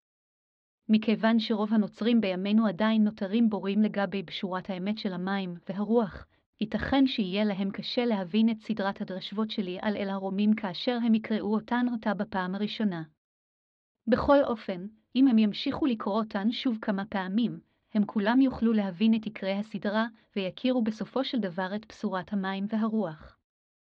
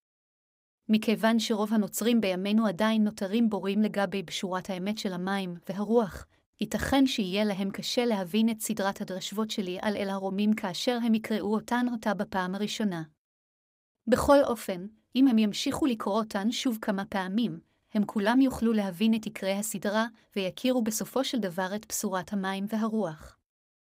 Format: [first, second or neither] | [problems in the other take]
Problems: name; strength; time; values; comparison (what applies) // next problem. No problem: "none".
second | muffled; very slightly; fading above 4 kHz